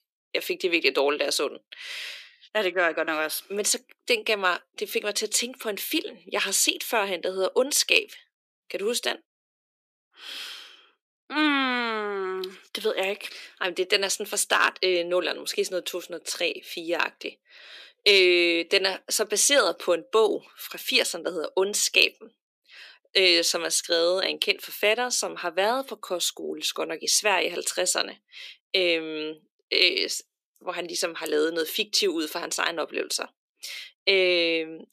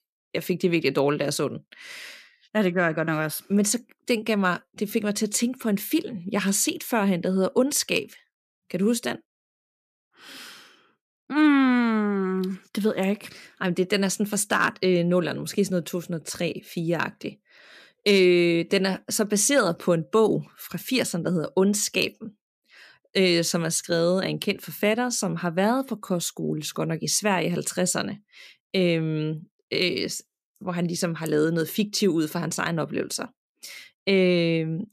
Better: second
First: thin; very; fading below 350 Hz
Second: none

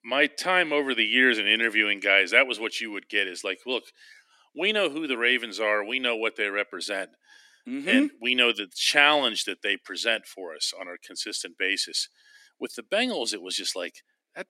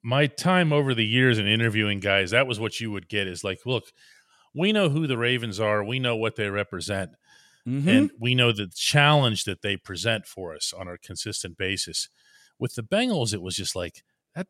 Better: second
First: thin; somewhat; fading below 250 Hz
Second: none

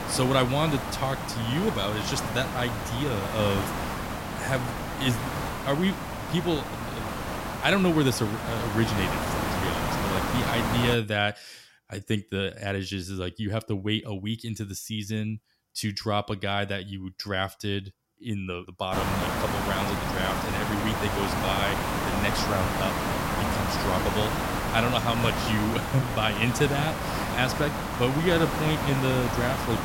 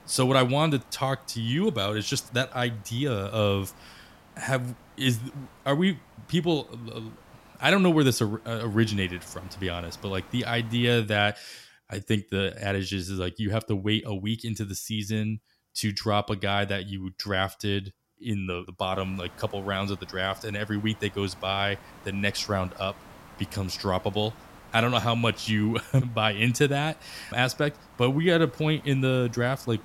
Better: second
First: hiss; loud; until 11 s and from 19 s on; 1 dB below the speech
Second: hiss; faint; until 11 s and from 19 s on; 25 dB below the speech

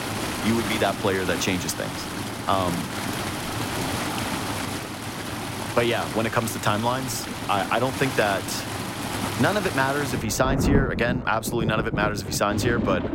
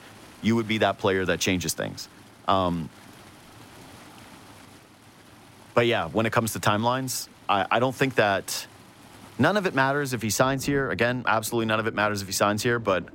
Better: second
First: rain or running water; loud; throughout; 4 dB below the speech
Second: rain or running water; faint; throughout; 25 dB below the speech

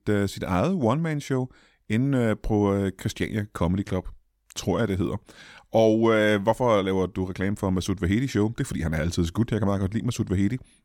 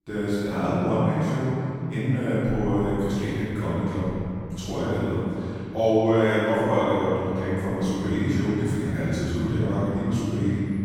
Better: first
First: none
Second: off-mic speech; far // room echo; strong; dies away in 2.7 s

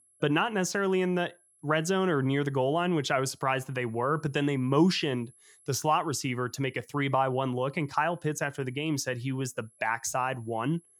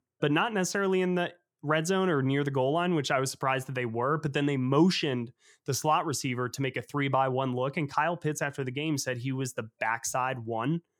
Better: second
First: high-pitched whine; faint; throughout; 11 kHz, 30 dB below the speech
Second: none

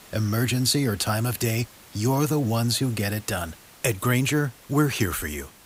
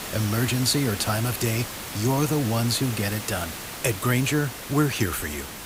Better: first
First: hiss; faint; throughout; 25 dB below the speech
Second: hiss; loud; throughout; 8 dB below the speech

